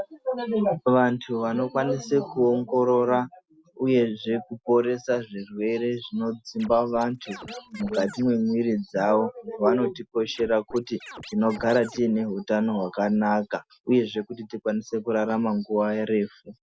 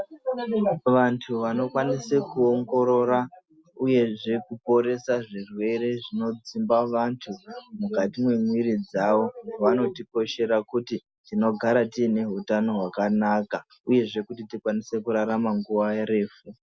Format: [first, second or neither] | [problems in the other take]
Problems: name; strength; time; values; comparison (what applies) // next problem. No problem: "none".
second | background sound (Scratching (performance technique)); 19 dB below the speech